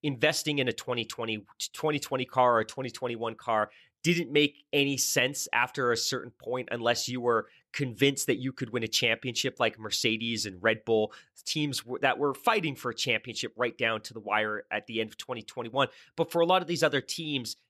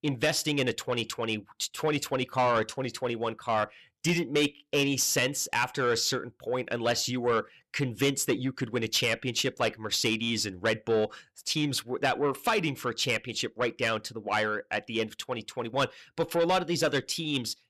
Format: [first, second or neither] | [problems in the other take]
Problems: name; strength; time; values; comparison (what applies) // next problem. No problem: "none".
first | distortion; slight; 10 dB below the speech